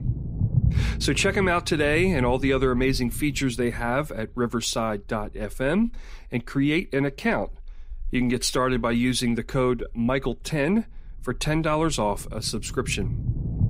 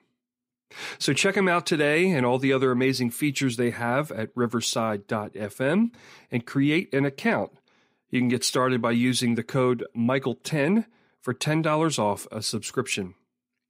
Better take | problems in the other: second | low rumble; noticeable; throughout; 15 dB below the speech

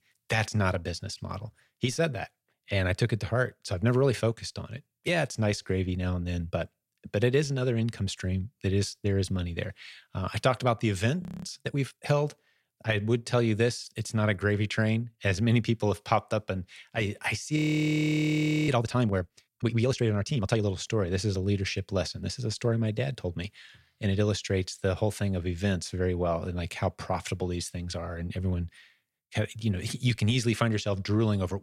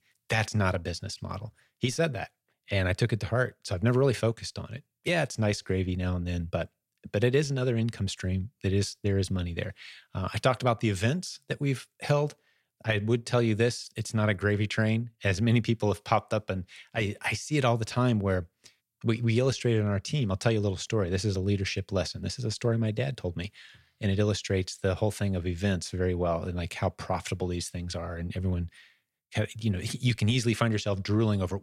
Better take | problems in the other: second | audio freezing; at 11 s and at 18 s for 1 s

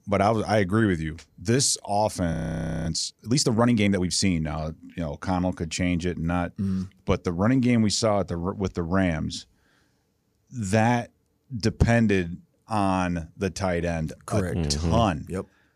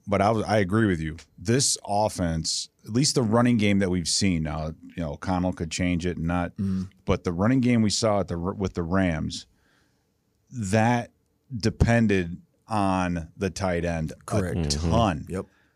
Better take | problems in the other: second | audio freezing; at 2.5 s for 0.5 s

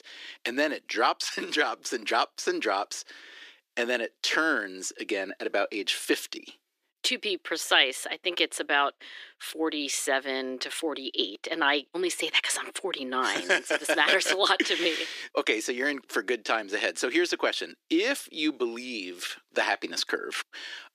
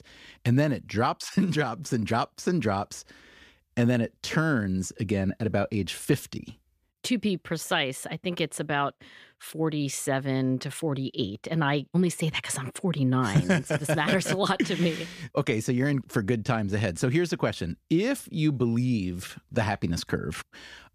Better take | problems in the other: second | thin; very; fading below 300 Hz

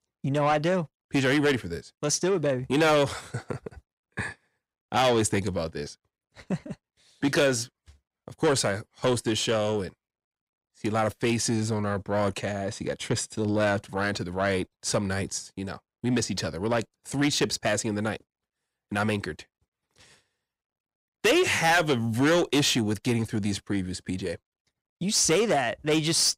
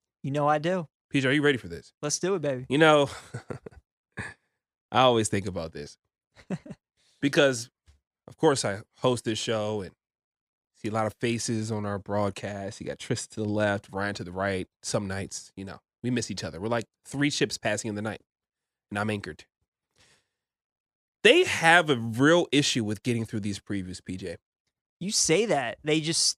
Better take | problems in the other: second | distortion; heavy; 8 dB below the speech

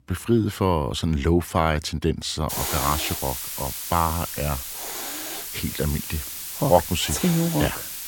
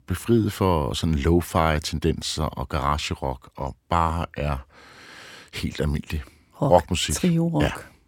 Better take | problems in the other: second | hiss; loud; from 2.5 s on; 5 dB below the speech

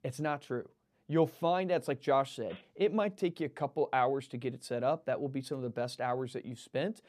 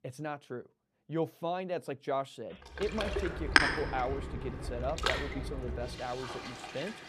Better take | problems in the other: first | rain or running water; very loud; from 3 s on; 4 dB above the speech

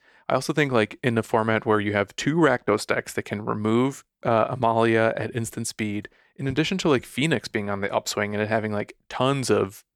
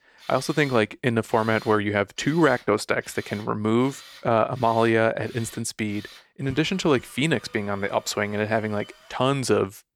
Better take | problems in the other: first | machinery noise; faint; throughout; 20 dB below the speech

